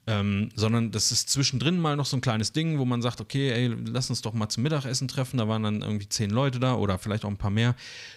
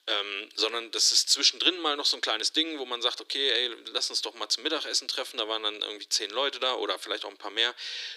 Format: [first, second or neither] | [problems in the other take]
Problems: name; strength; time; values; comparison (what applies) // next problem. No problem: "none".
first | thin; very; fading below 300 Hz